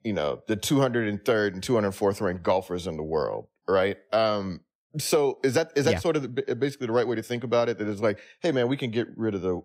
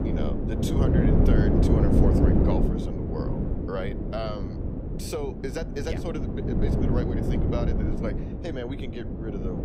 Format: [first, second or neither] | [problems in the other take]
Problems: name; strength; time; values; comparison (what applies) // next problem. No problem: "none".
first | wind noise on the microphone; heavy; 3 dB above the speech